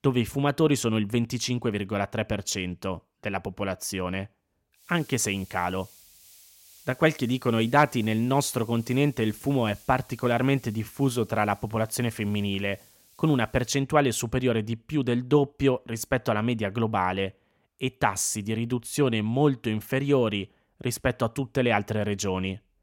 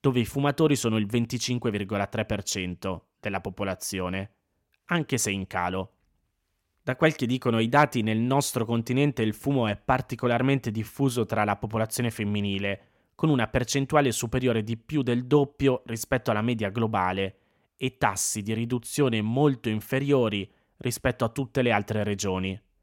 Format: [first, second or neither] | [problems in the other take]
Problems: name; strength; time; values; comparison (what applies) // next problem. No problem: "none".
second | hiss; faint; from 5 to 14 s; 25 dB below the speech